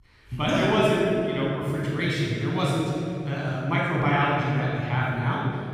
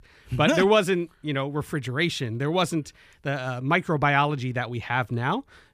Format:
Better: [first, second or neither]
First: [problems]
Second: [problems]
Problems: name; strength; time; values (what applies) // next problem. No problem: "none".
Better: second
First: room echo; strong; dies away in 3 s // off-mic speech; far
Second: none